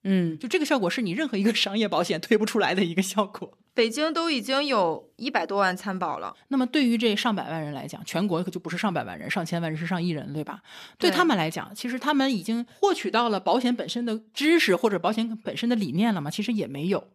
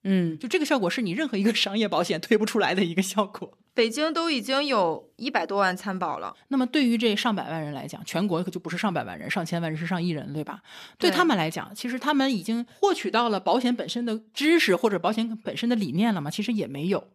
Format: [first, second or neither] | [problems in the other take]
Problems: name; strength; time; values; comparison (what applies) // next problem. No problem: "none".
neither | none